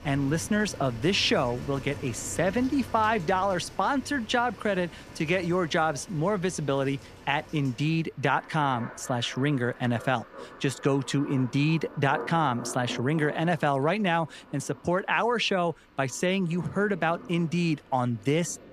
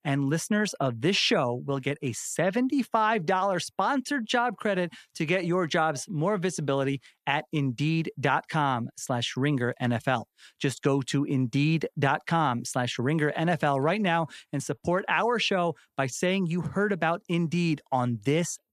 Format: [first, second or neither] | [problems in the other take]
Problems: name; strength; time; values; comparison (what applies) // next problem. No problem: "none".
second | rain or running water; noticeable; throughout; 15 dB below the speech